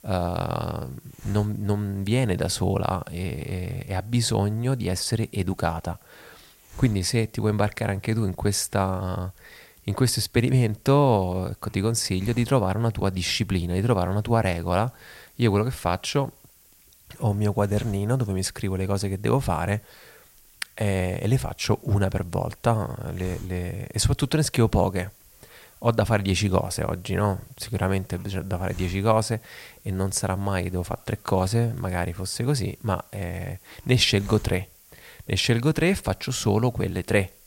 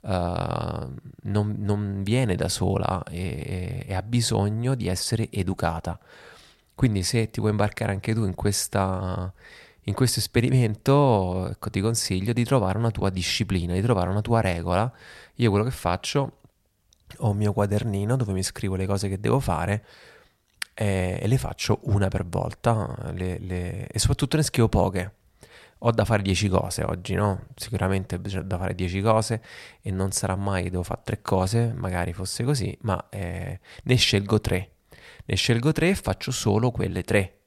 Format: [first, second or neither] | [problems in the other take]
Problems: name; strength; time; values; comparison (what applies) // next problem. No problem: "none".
second | hiss; faint; throughout; 25 dB below the speech